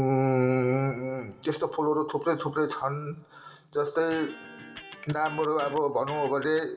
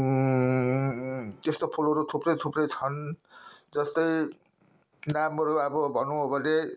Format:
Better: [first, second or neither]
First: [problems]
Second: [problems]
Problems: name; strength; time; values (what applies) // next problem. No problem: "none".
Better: second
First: background sound (Electric guitar); 17 dB below the speech // room echo; dies away in 2.2 s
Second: none